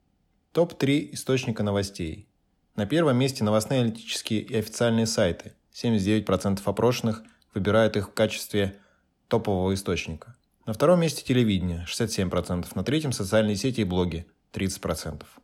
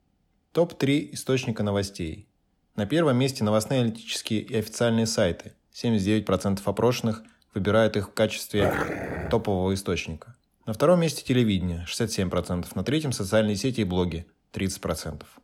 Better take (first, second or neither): first